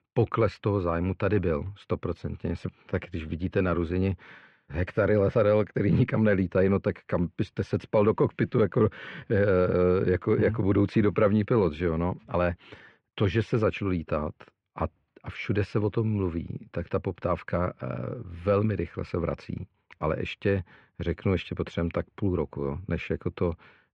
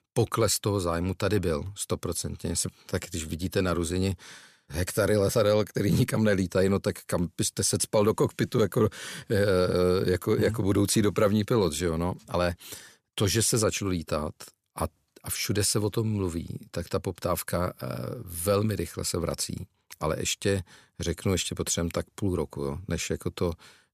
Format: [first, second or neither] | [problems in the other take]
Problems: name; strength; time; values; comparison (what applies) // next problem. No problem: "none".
second | muffled; very; fading above 2.5 kHz